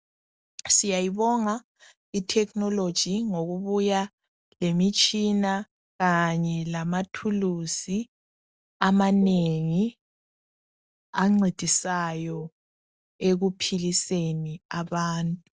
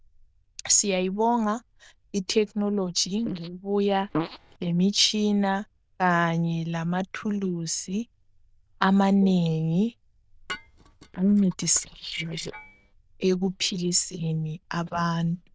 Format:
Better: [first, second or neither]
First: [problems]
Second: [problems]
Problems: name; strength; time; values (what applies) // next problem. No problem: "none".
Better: first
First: none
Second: noise reduction (neural diffusion model UNIVERSE++)